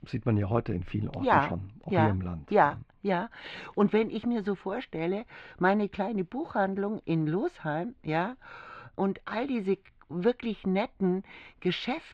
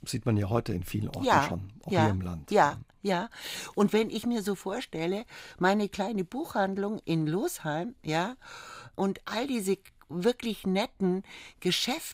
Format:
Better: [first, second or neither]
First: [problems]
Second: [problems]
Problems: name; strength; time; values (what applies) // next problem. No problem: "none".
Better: second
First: muffled; very; fading above 3 kHz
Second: none